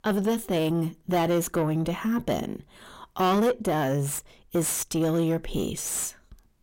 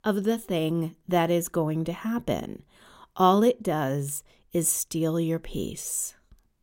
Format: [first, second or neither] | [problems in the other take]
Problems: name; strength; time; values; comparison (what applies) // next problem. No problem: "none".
second | distortion; heavy; 7 dB below the speech